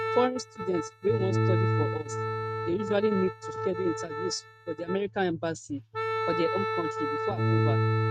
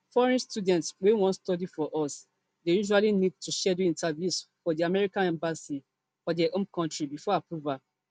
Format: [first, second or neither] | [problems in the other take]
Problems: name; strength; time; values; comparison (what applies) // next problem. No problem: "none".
second | noise reduction (neural mask model RNNoise)